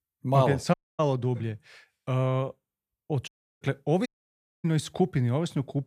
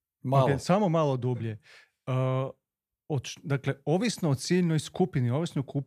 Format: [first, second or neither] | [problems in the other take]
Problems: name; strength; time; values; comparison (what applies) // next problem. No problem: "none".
second | audio cutting out; at 0.5 s, at 3.5 s and at 4 s for 0.5 s